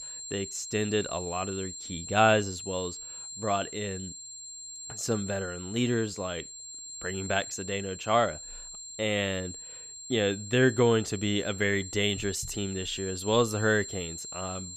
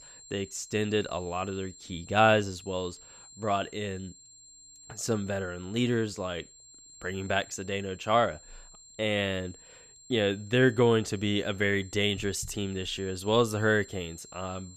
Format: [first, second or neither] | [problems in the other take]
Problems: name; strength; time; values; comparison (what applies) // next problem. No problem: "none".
second | high-pitched whine; loud; throughout; 7.5 kHz, 10 dB below the speech; faint in the second